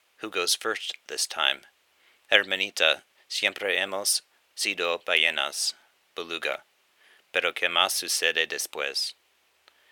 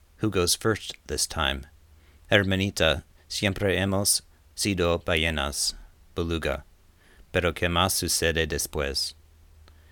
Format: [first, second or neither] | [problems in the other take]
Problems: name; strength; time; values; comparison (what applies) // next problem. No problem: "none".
second | thin; very; fading below 550 Hz